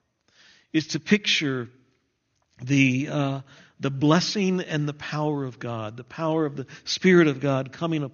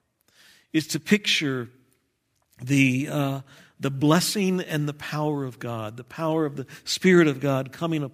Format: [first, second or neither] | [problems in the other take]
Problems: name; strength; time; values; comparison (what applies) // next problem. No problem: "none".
second | garbled, watery; slightly; nothing above 6.5 kHz